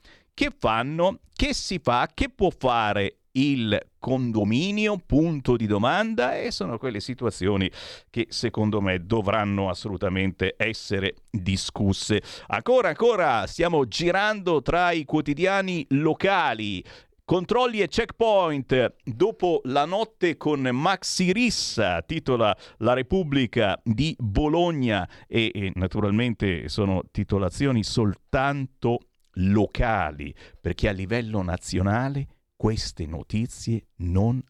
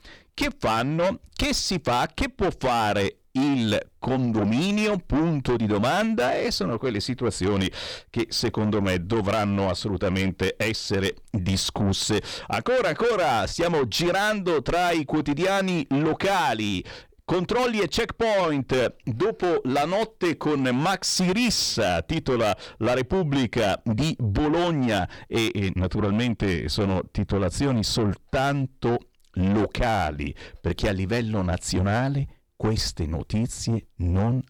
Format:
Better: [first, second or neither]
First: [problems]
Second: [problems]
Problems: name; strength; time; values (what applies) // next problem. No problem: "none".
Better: first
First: none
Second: distortion; heavy; 7 dB below the speech